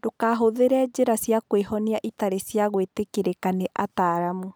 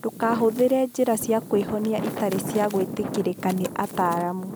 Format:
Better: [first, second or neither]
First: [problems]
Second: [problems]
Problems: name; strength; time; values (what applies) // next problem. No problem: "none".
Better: first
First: none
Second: background sound (Wind); 9 dB below the speech